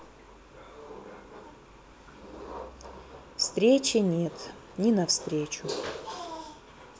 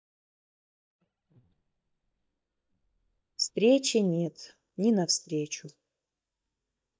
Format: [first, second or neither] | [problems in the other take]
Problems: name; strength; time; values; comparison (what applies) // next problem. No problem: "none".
first | noise reduction (neural mask model DeepFilterNet 3)